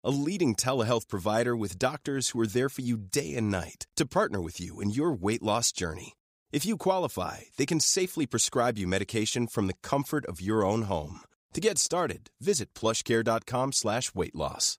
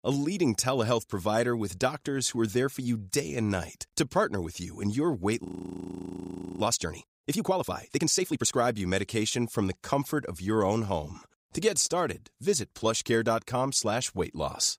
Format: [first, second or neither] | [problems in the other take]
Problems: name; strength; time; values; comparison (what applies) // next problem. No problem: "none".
first | audio freezing; at 5.5 s for 1 s